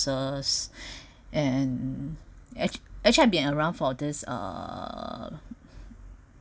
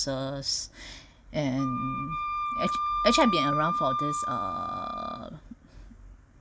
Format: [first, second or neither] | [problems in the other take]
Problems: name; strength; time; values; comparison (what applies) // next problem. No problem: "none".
first | background sound (Wind instrument, woodwind instrument); 1 dB below the speech